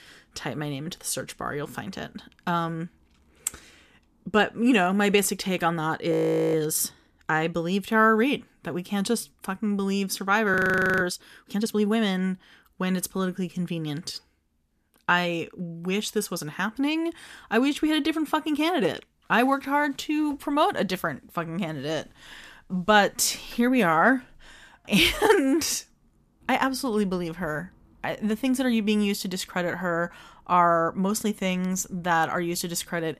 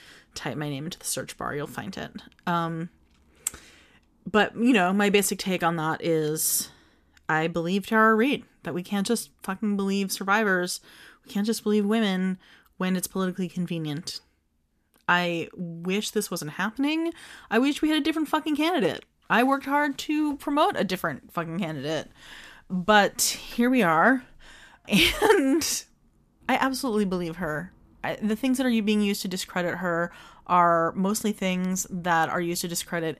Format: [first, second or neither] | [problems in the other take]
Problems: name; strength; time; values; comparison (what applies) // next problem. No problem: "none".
second | audio freezing; at 6 s and at 11 s